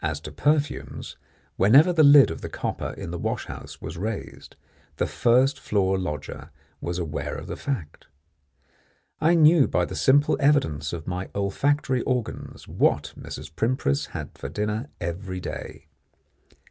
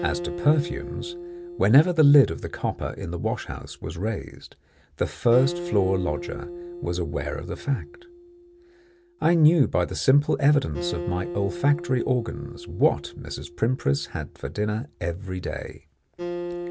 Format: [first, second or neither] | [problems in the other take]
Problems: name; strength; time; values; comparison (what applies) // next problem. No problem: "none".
first | background sound (Acoustic guitar); 12 dB below the speech